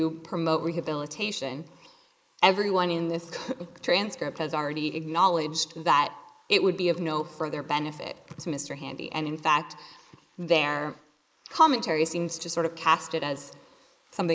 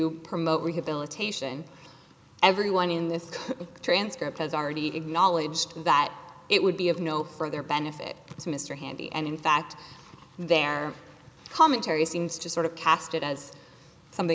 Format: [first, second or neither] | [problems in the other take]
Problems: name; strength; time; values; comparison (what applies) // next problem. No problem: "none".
second | noise reduction (neural mask model Resemble Enhance denoiser)